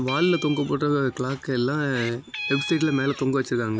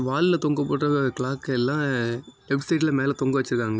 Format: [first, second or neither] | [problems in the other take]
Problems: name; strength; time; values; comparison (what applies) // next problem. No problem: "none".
second | background sound (Meow); 13 dB below the speech